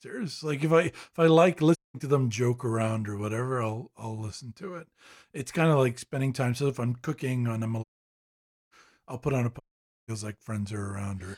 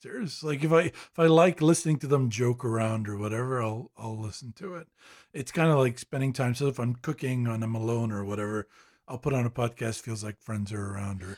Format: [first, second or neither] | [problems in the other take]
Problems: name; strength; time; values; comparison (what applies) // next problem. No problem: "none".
second | audio cutting out; at 2 s, at 8 s for 1 s and at 9.5 s